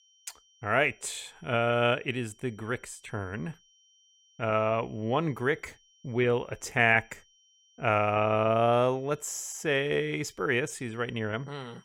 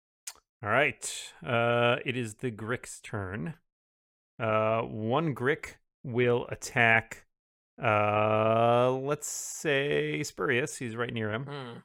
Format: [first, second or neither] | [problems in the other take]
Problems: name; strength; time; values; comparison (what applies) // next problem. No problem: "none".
second | high-pitched whine; faint; throughout; 3 kHz, 35 dB below the speech